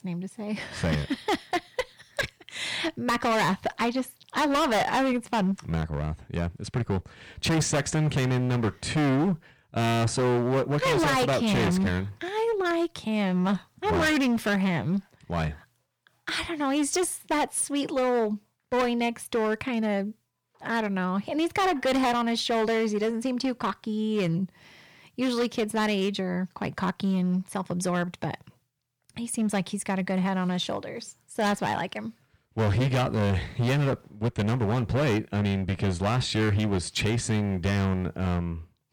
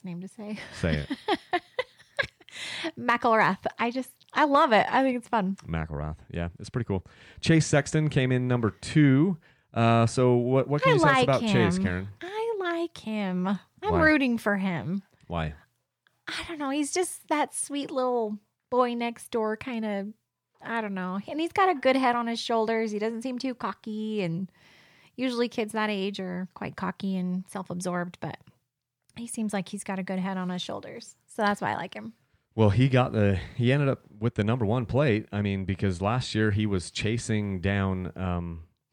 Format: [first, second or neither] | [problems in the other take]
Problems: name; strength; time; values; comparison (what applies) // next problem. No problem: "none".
second | distortion; heavy; 15% of the sound clipped